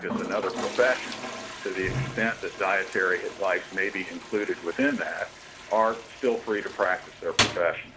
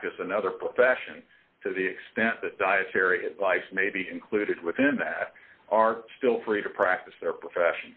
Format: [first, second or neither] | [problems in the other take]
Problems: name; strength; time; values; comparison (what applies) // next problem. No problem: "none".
second | background sound (Toilet flush); 7 dB below the speech